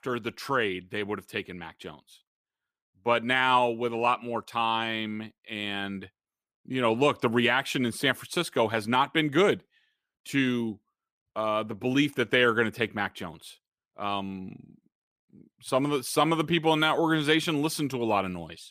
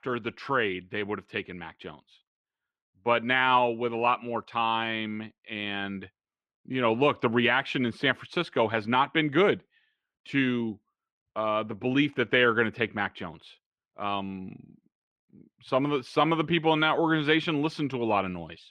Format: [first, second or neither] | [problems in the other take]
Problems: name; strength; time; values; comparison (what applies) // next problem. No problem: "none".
first | muffled; slightly; fading above 3 kHz